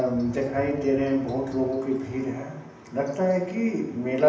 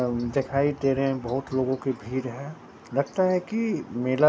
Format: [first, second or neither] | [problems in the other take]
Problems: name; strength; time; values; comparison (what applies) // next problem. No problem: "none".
second | room echo; dies away in 0.9 s